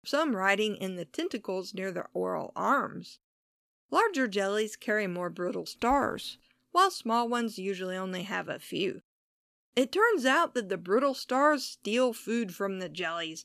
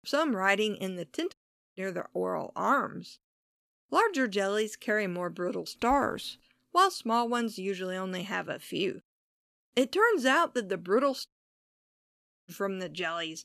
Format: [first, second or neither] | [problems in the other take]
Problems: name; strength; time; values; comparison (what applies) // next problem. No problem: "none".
first | audio cutting out; at 1.5 s and at 11 s for 1 s